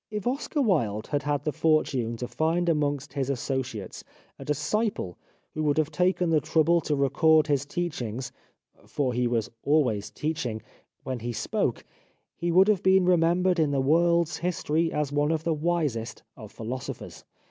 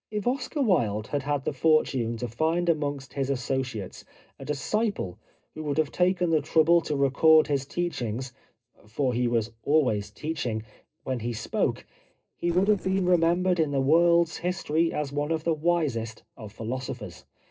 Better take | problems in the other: first | noise reduction (neural separator model SepFormer DNS4)

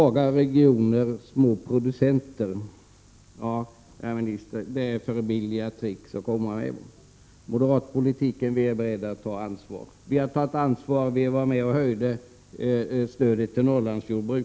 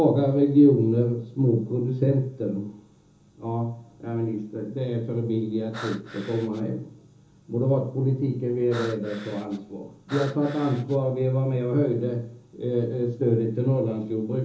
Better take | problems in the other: first | background sound (Breathing); 16 dB below the speech // room echo; dies away in 1.2 s

